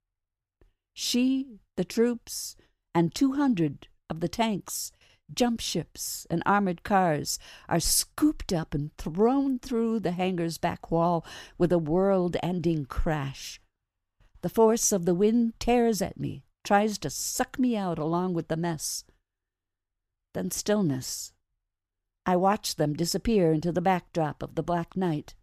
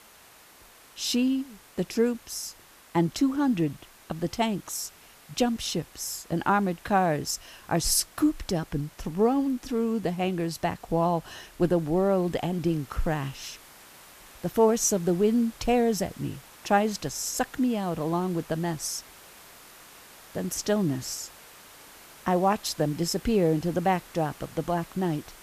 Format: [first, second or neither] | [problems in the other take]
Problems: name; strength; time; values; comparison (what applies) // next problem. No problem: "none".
first | hiss; faint; throughout; 20 dB below the speech